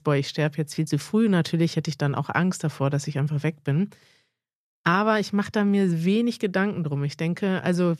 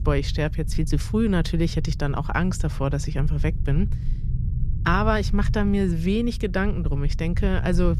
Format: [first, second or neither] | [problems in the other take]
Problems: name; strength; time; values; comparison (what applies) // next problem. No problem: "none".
first | low rumble; noticeable; throughout; 15 dB below the speech